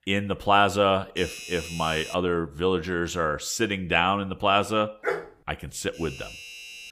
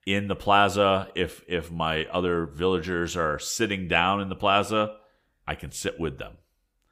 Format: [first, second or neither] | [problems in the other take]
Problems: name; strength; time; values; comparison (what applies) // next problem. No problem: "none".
second | doorbell; faint; at 1 s and at 6 s; peak 10 dB below the speech // dog barking; noticeable; at 5 s; peak 5 dB below the speech